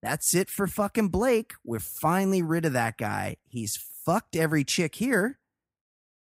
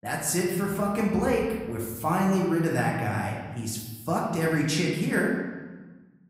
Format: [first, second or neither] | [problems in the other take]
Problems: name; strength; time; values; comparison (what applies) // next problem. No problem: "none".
first | room echo; noticeable; dies away in 1.3 s // off-mic speech; somewhat distant